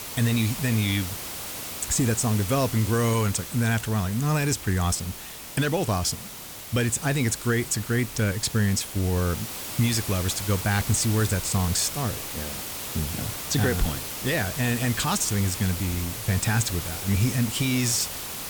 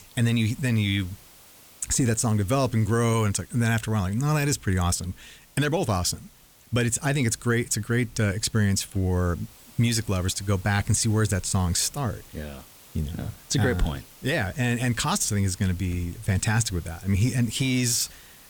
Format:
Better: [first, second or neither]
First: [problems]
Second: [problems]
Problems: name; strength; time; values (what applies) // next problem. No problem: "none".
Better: second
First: hiss; loud; throughout; 7 dB below the speech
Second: hiss; faint; throughout; 25 dB below the speech